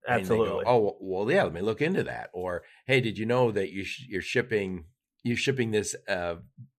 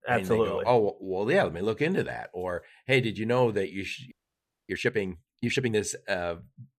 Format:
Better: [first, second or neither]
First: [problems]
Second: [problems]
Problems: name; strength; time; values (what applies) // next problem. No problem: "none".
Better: first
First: none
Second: audio freezing; at 4 s for 0.5 s